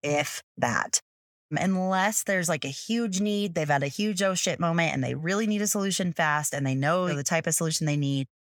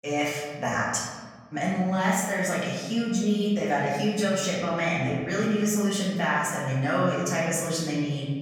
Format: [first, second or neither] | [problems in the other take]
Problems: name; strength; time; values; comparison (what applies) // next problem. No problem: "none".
first | room echo; noticeable; dies away in 1.3 s // off-mic speech; far